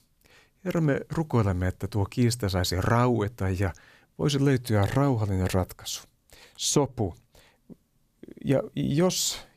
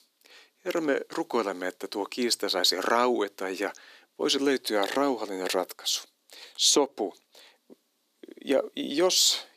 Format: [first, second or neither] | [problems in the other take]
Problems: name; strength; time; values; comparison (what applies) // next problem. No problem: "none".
first | thin; somewhat; fading below 300 Hz